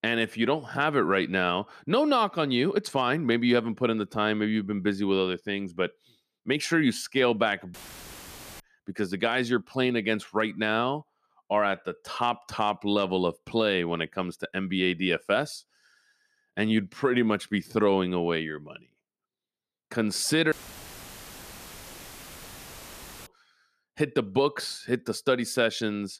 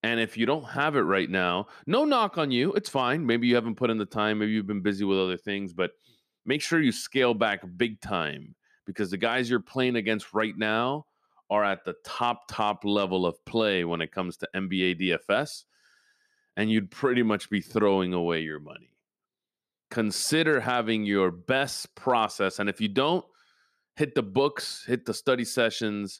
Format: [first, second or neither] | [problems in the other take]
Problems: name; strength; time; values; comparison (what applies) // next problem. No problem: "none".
second | audio cutting out; filled with static; at 7.5 s for 1 s and at 21 s for 3 s